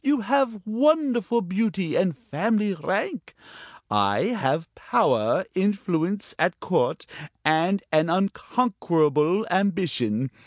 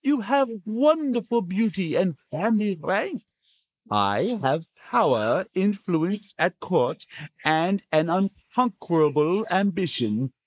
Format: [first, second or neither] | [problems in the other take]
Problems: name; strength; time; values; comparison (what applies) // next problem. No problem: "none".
first | noise reduction (neural mask model Resemble Enhance denoiser)